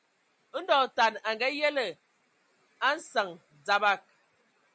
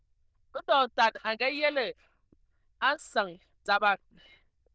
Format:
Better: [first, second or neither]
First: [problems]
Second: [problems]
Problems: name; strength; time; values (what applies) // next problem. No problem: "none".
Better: first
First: none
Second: noise reduction (neural diffusion model UNIVERSE++)